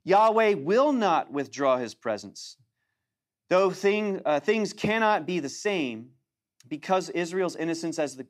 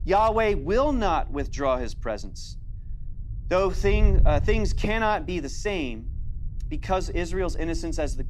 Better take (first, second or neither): first